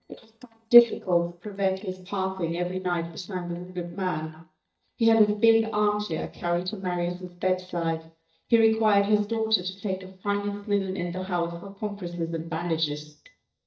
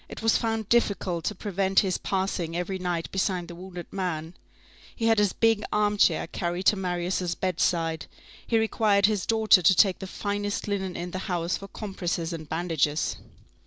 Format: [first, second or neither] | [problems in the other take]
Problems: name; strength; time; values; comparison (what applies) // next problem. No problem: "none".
second | noise reduction (neural mask model DeepFilterNet 3)